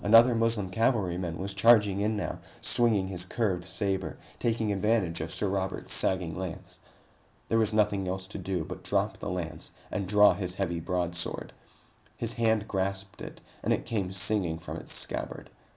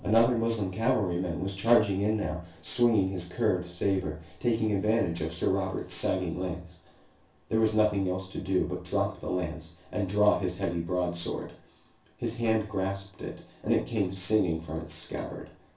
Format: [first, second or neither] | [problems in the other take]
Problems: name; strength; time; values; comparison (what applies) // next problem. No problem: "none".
first | room echo; dies away in 0.3 s